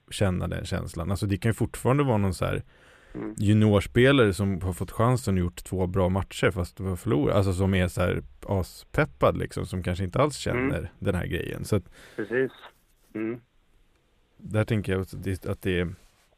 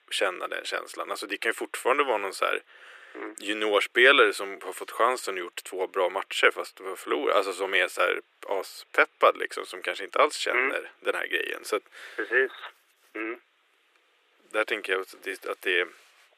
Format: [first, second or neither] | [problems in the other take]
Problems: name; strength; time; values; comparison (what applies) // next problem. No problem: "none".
first | thin; very; fading below 350 Hz